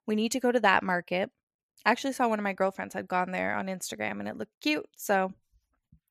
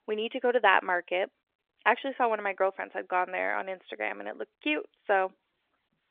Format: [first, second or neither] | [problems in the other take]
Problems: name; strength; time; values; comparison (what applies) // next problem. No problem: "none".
first | phone-call audio; nothing above 3.5 kHz